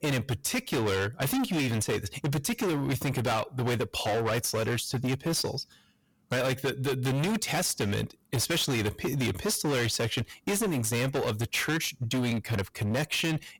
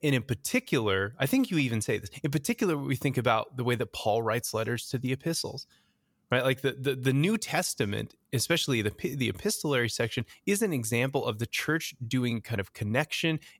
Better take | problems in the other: second | distortion; heavy; 26% of the sound clipped

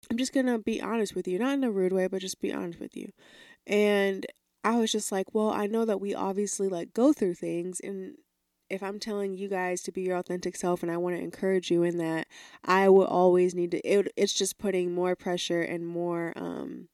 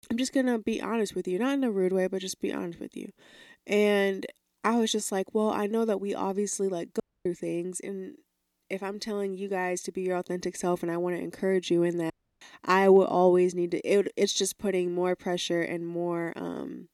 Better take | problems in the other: first | audio cutting out; at 7 s and at 12 s

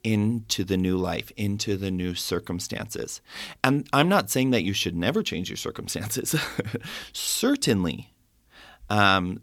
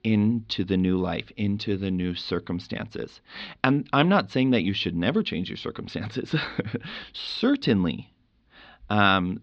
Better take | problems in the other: first | muffled; very slightly; fading above 4 kHz

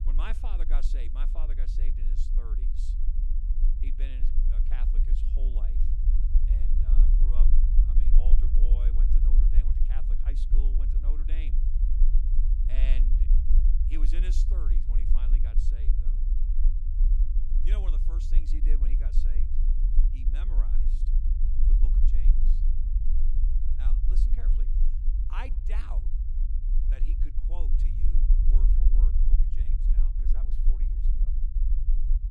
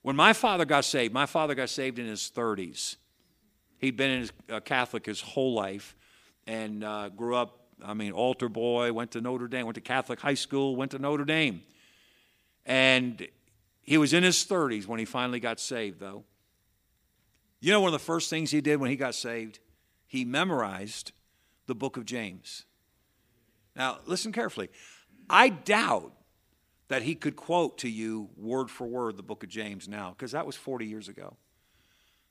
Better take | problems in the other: second | low rumble; loud; throughout; 2 dB below the speech

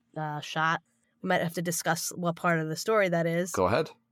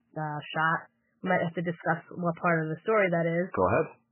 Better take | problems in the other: first | garbled, watery; badly; nothing above 3 kHz

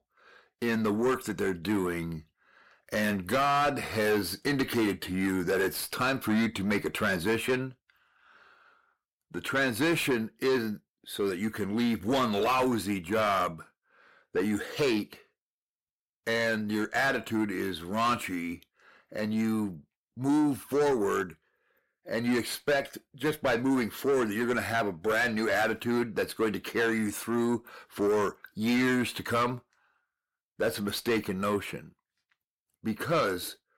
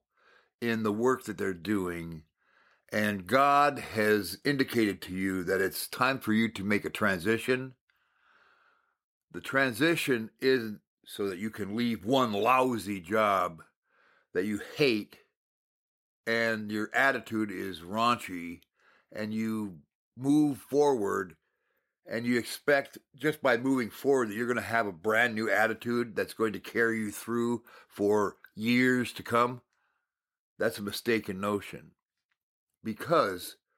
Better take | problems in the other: second | distortion; heavy; 7 dB below the speech

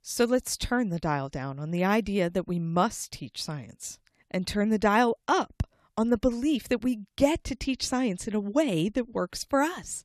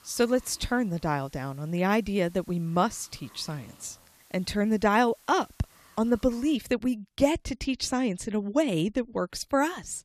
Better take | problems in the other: first | hiss; faint; until 6.5 s; 25 dB below the speech

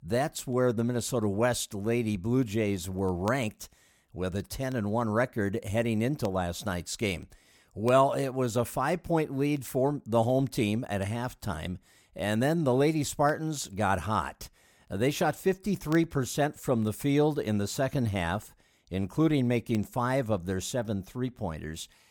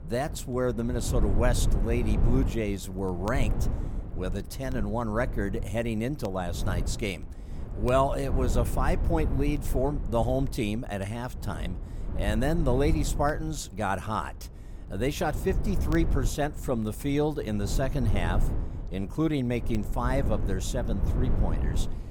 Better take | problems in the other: first | low rumble; noticeable; throughout; 10 dB below the speech

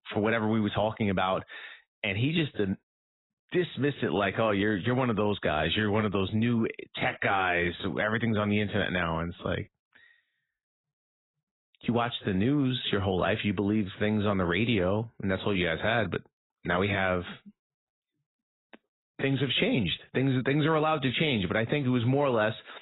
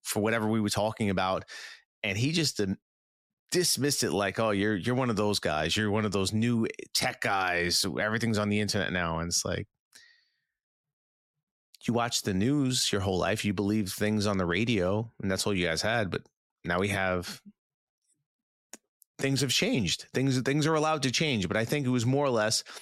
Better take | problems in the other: second | garbled, watery; badly; nothing above 4 kHz

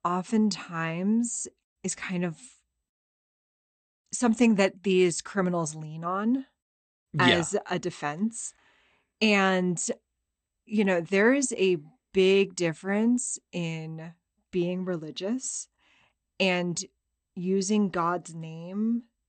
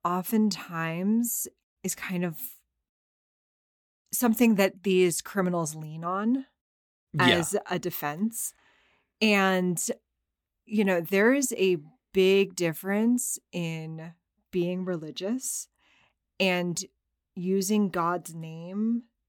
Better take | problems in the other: second | garbled, watery; slightly; nothing above 8.5 kHz

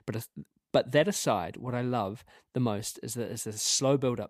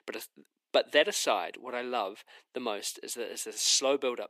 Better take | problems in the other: first | thin; somewhat; fading below 300 Hz

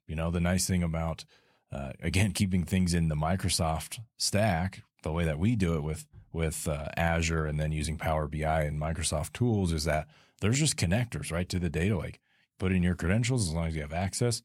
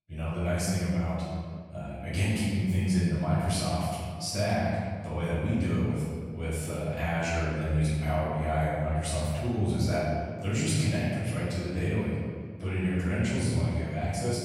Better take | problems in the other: first | room echo; strong; dies away in 1.7 s // off-mic speech; far

